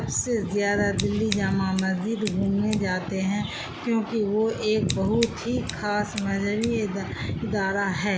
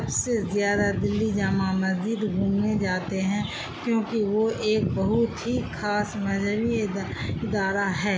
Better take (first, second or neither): second